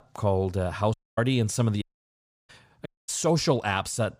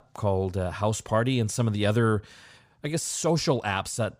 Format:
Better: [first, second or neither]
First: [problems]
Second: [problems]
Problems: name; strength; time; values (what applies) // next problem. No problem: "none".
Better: second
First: audio cutting out; at 1 s, at 2 s for 0.5 s and at 3 s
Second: none